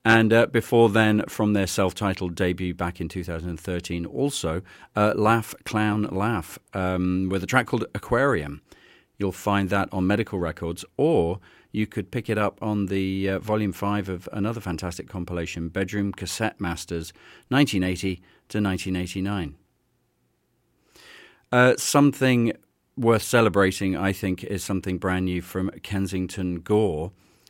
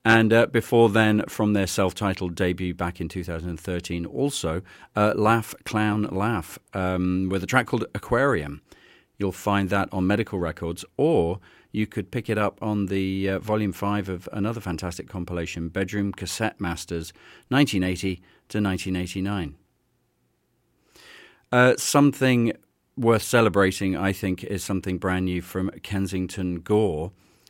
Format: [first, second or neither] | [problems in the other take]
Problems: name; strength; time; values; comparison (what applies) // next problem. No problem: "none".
neither | none